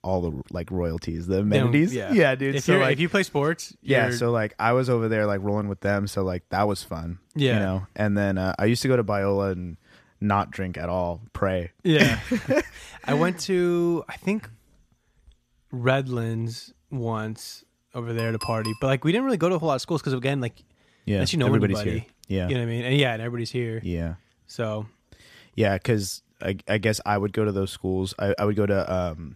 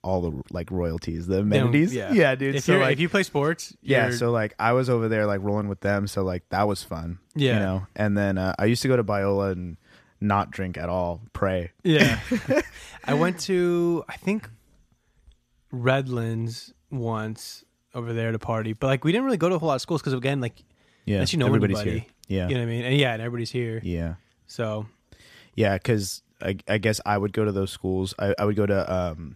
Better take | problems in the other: second | clattering dishes; noticeable; at 18 s; peak 10 dB below the speech

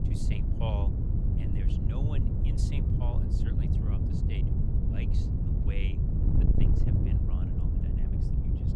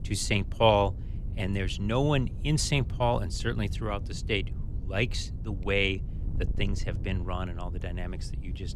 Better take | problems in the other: second | wind noise on the microphone; heavy; 4 dB above the speech; occasional gusts in the second

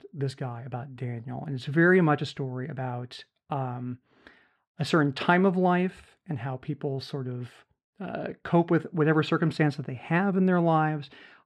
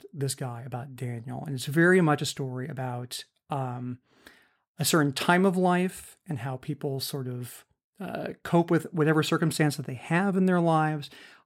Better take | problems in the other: second | muffled; slightly; fading above 3 kHz

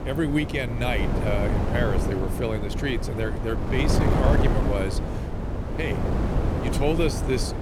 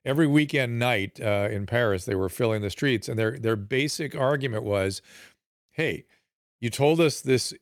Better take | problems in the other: second | wind noise on the microphone; heavy; 3 dB below the speech

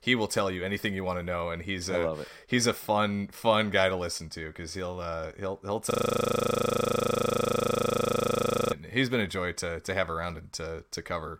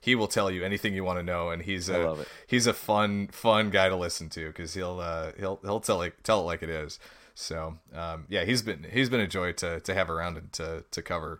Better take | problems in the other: second | audio freezing; at 6 s for 3 s

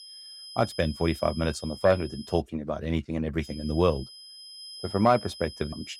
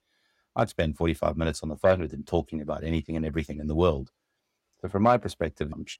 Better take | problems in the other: second | high-pitched whine; noticeable; until 2.5 s and from 3.5 s on; 5 kHz, 15 dB below the speech

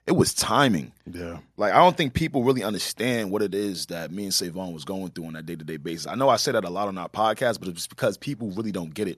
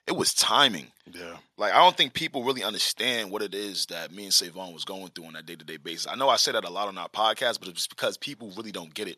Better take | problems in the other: first | thin; somewhat; fading below 700 Hz

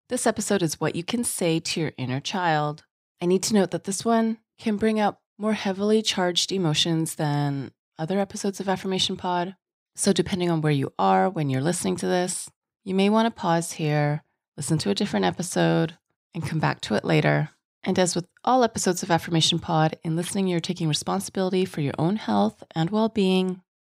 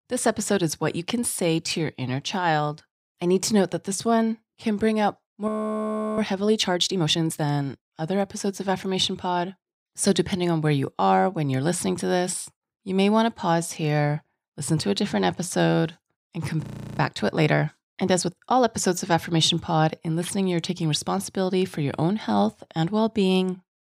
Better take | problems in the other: first | audio freezing; at 5.5 s for 0.5 s and at 17 s

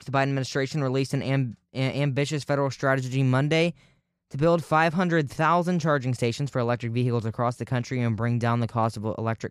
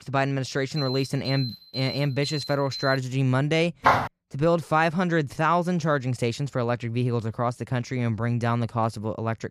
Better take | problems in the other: first | alarm; noticeable; from 1 to 3 s; peak 8 dB below the speech // footsteps; loud; at 4 s; peak 4 dB above the speech

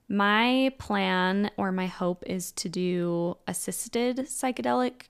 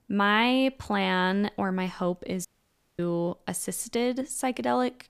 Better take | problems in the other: first | audio cutting out; at 2.5 s for 0.5 s

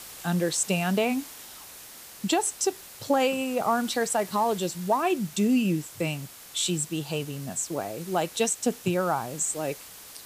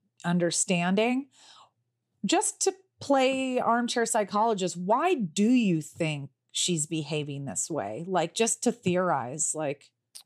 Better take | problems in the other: second | hiss; noticeable; throughout; 15 dB below the speech

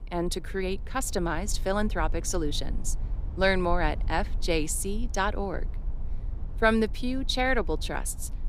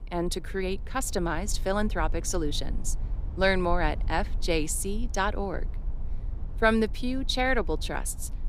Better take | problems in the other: neither | low rumble; faint; throughout; 25 dB below the speech; the same in both

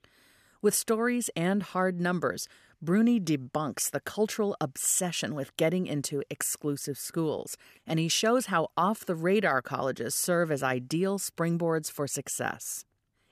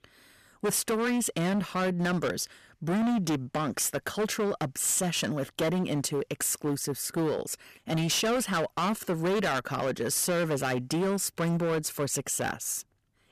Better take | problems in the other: first | distortion; heavy; 19% of the sound clipped

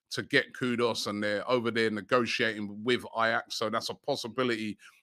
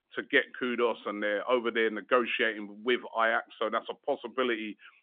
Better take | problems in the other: first | phone-call audio; nothing above 3.5 kHz

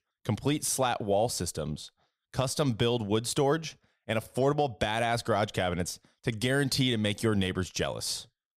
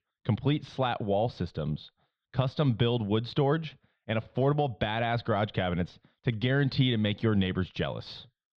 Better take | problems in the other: first | muffled; slightly; fading above 4 kHz

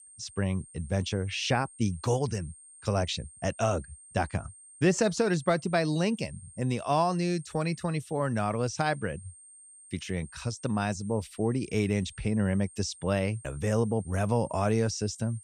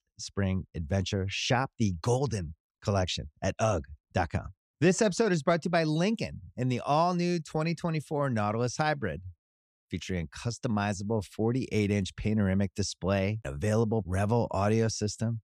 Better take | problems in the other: second | high-pitched whine; noticeable; throughout; 8.5 kHz, 20 dB below the speech

